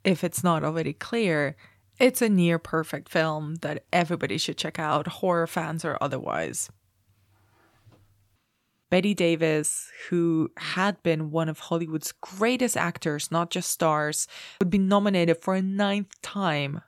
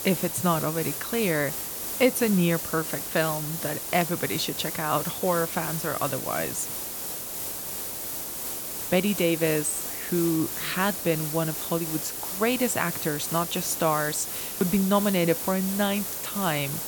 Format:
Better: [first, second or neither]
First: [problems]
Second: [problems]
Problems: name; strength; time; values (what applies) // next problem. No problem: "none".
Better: first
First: none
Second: hiss; loud; throughout; 3 dB below the speech